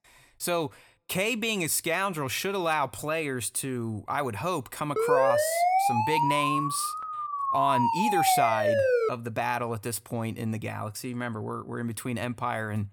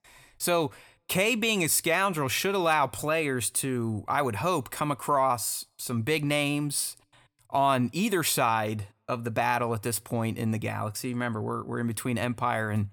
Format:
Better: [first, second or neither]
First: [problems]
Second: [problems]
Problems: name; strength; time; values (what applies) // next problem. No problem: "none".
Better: second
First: siren; loud; from 5 to 9 s; peak 6 dB above the speech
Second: none